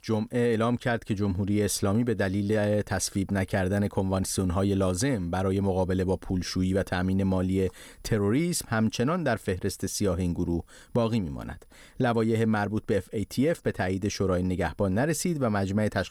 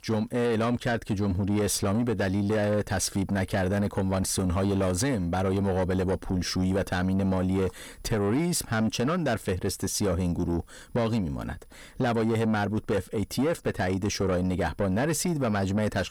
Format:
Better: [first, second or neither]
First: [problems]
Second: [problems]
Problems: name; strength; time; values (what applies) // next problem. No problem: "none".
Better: first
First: none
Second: distortion; slight; 10 dB below the speech